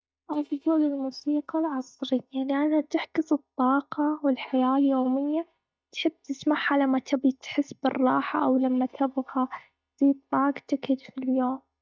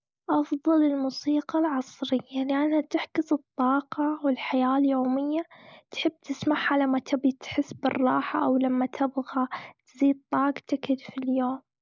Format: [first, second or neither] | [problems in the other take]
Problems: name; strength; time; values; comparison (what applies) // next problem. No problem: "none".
second | noise reduction (neural mask model DeepFilterNet 3)